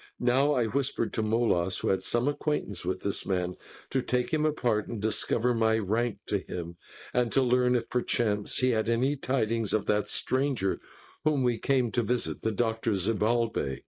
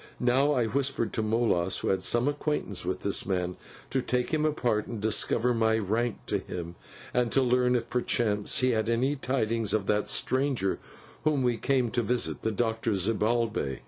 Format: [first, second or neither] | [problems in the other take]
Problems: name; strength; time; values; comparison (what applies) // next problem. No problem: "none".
second | noise reduction (neural mask model Resemble Enhance denoiser)